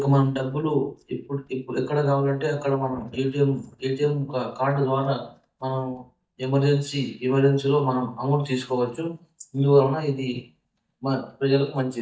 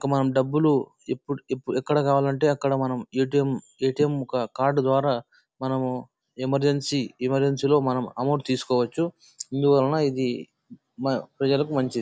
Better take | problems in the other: second | noise reduction (neural mask model DeepFilterNet 3)

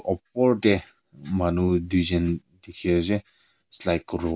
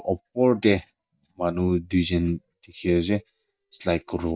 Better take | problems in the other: first | noise reduction (neural mask model DeepFilterNet 3)

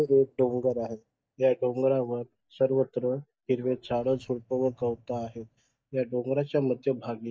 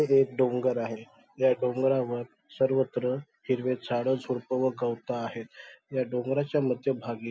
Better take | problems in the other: second | noise reduction (neural mask model DeepFilterNet 3)

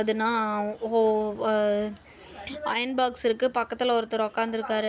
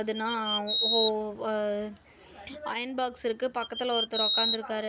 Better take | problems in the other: first | background sound (Bird vocalization, bird call, bird song); 4 dB above the speech

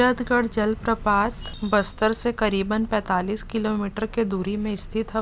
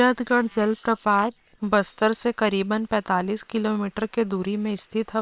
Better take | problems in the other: first | noise reduction (neural separator model SepFormer WHAM!)

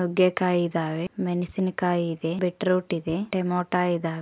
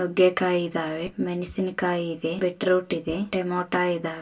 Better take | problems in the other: first | room echo; dies away in 0.2 s

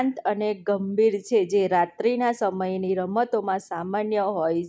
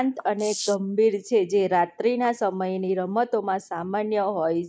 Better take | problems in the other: first | noise reduction (neural mask model Resemble Enhance denoiser)

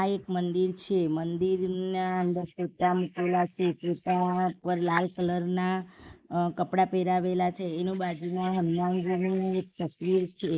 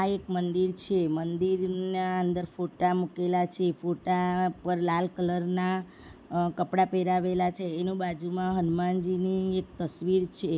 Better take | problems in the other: second | noise reduction (neural mask model Resemble Enhance denoiser)

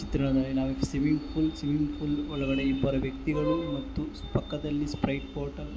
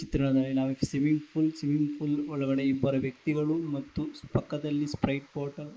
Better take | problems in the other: first | noise reduction (neural mask model Resemble Enhance denoiser)

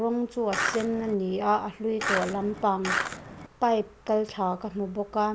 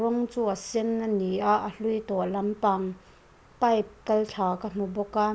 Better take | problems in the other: second | background sound (Skateboard); 3 dB below the speech

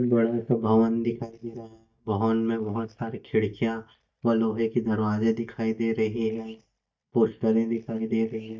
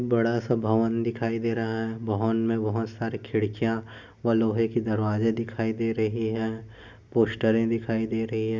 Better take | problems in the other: second | noise reduction (neural mask model DeepFilterNet 3)

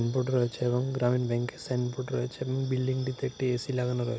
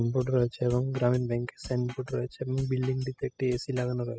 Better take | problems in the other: first | noise reduction (classical method spectral subtraction)

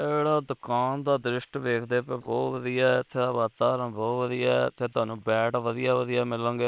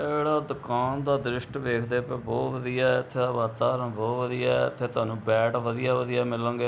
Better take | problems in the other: second | noise reduction (neural separator model SepFormer WHAM!)

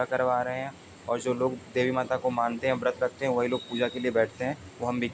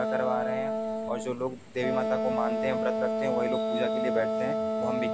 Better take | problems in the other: first | background sound (Wind instrument, woodwind instrument); 3 dB above the speech

